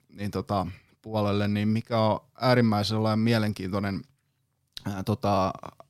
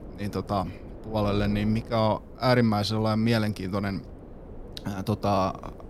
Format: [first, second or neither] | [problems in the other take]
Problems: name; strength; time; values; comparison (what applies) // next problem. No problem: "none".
first | wind noise on the microphone; occasional gusts; 20 dB below the speech